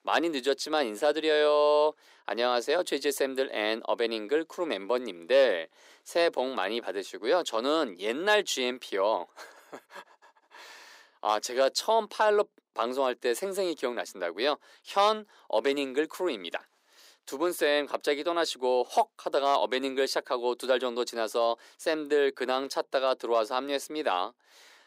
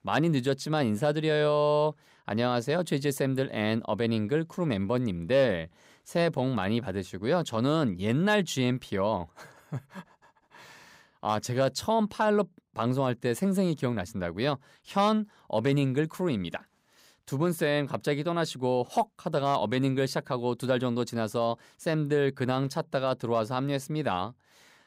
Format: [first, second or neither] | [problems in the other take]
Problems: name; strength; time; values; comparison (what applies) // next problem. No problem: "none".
second | thin; somewhat; fading below 350 Hz